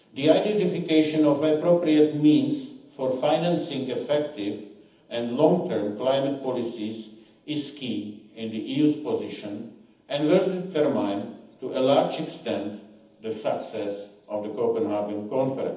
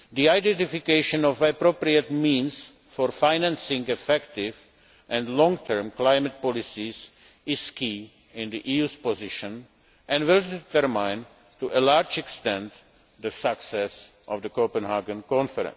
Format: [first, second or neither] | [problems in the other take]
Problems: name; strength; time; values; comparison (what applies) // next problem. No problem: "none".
second | room echo; dies away in 0.8 s